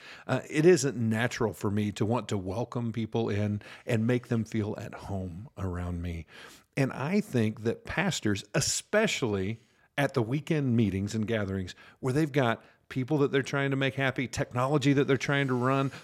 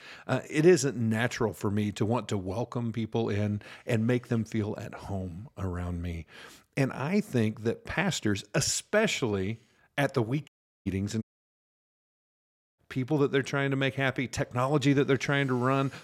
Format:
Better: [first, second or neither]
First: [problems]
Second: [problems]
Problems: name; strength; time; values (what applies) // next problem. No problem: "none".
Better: first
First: none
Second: audio cutting out; at 10 s and at 11 s for 1.5 s